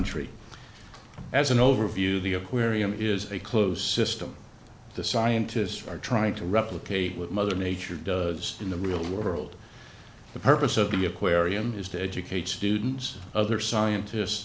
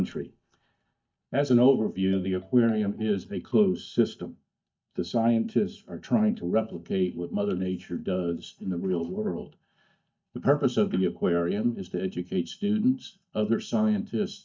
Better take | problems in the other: first | noise reduction (neural mask model DeepFilterNet 3)

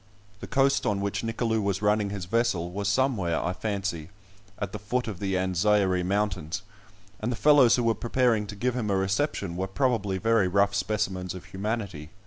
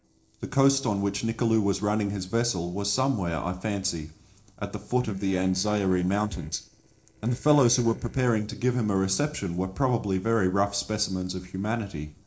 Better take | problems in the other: first | noise reduction (neural separator model SepFormer DNS4)

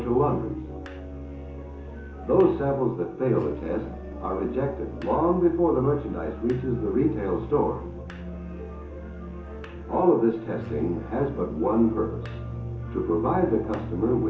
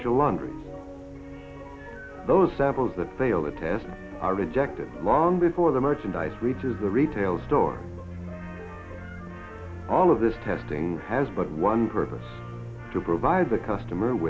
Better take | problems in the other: second | background sound (Musical instrument); 14 dB below the speech // room echo; dies away in 0.7 s

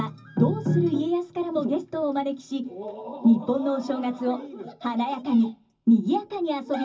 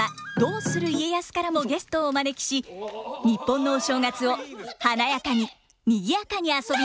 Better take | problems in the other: second | room echo; dies away in 0.4 s

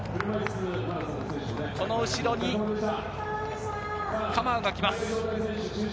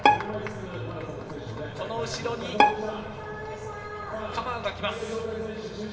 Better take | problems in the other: first | background sound (Bowed string instrument); 3 dB above the speech // room echo; dies away in 2.1 s

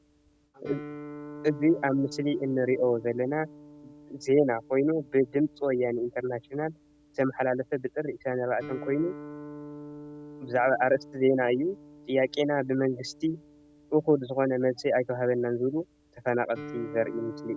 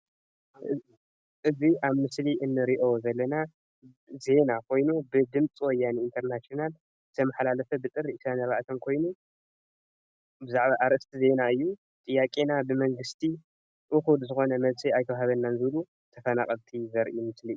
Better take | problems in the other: second | background sound (Guitar); 17 dB below the speech

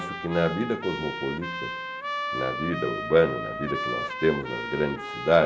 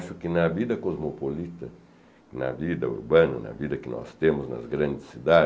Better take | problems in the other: second | background sound (Trumpet); 6 dB below the speech

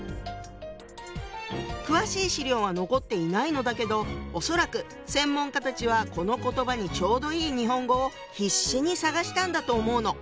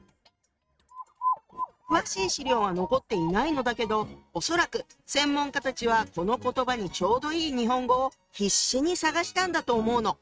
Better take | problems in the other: first | noise reduction (neural mask model RNNoise)

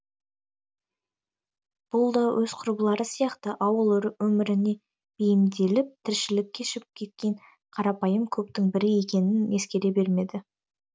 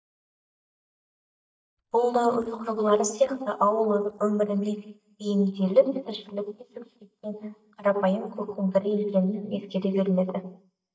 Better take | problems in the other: first | noise reduction (neural mask model DeepFilterNet 3)

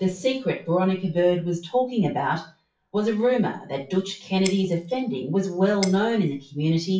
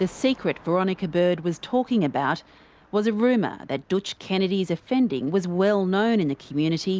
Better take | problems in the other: second | noise reduction (classical method WPE with log-MMSE)

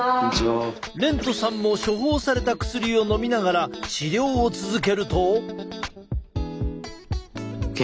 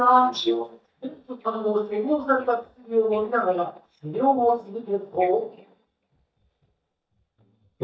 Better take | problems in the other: first | noise reduction (neural mask model DeepFilterNet 3)

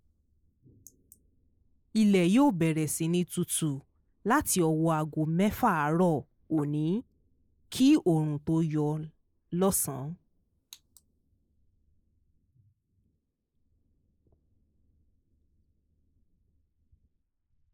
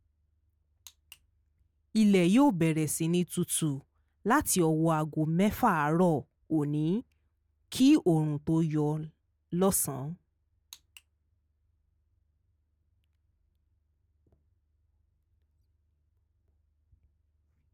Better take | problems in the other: second | noise reduction (neural mask model Resemble Enhance denoiser)

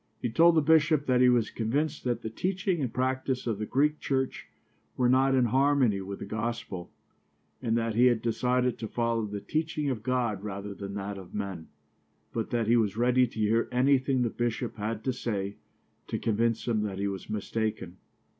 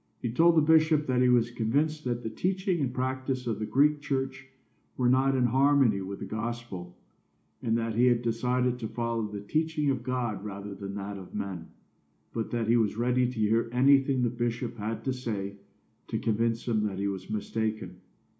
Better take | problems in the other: first | room echo; dies away in 0.4 s

